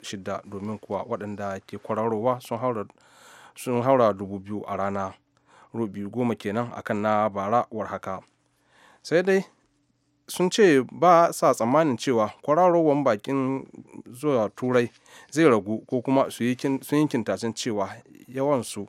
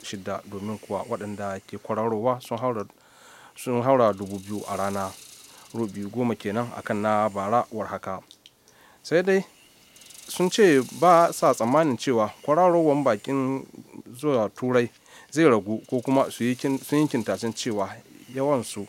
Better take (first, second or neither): first